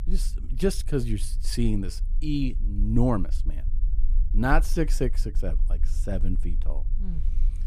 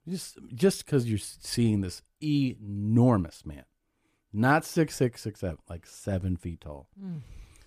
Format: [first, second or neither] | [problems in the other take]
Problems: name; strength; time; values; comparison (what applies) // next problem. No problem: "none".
second | low rumble; faint; throughout; 25 dB below the speech